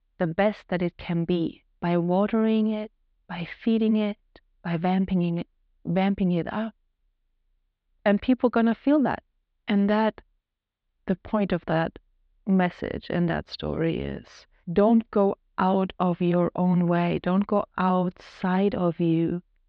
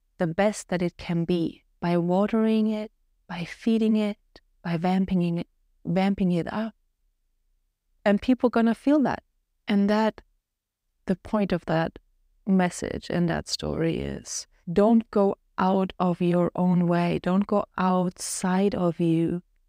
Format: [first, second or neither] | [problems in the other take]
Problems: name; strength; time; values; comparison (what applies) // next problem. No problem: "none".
second | muffled; slightly; fading above 4 kHz